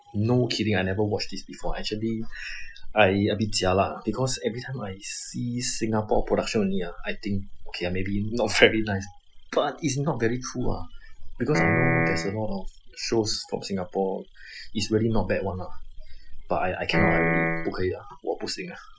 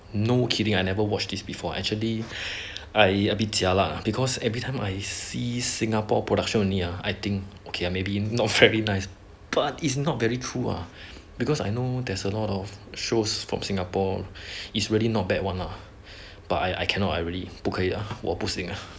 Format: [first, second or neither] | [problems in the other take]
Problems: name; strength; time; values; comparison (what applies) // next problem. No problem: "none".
second | noise reduction (classical method Wiener filter)